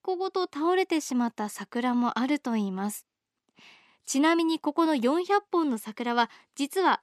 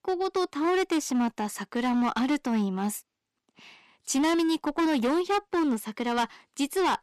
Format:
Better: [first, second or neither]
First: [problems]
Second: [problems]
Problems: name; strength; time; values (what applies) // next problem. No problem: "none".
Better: first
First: none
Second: distortion; slight; 14% of the sound clipped